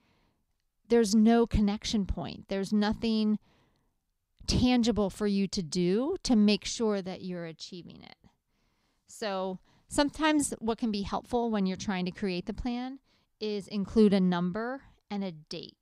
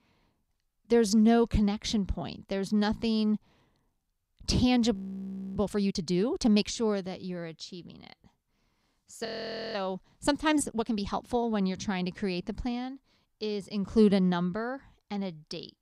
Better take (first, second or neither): first